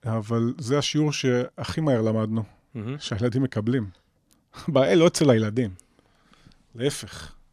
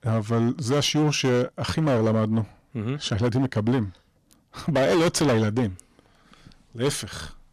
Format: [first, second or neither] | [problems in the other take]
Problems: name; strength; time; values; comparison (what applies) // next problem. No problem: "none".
first | distortion; heavy; 12% of the sound clipped